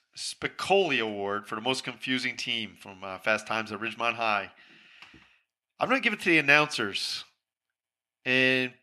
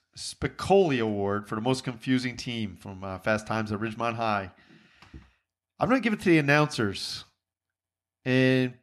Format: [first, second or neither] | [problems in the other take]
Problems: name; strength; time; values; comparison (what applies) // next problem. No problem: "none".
second | thin; very slightly; fading below 1 kHz